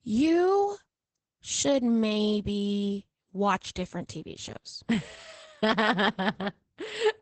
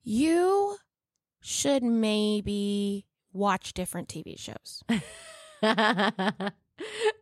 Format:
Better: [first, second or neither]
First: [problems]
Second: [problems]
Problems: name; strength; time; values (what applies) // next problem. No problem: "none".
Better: second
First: garbled, watery; badly; nothing above 8 kHz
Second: none